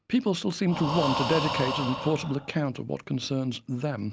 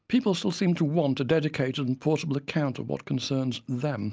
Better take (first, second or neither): second